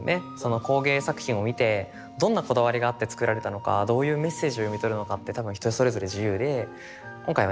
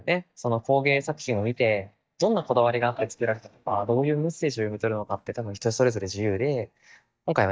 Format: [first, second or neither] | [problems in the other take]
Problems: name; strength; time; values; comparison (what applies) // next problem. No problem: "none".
first | noise reduction (neural mask model DeepFilterNet 3)